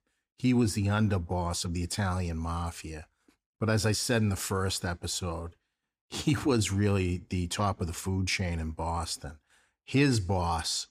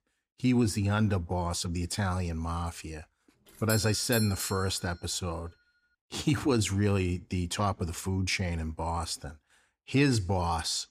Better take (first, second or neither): first